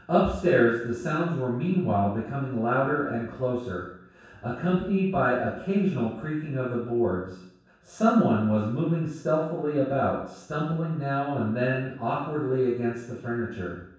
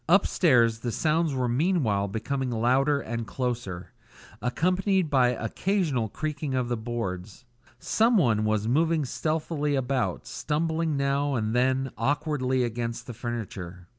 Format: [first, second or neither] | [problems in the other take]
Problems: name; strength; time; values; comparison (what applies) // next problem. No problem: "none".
second | room echo; dies away in 0.7 s